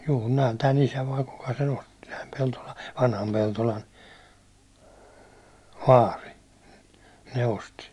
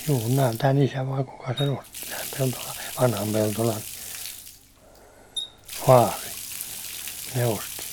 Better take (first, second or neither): first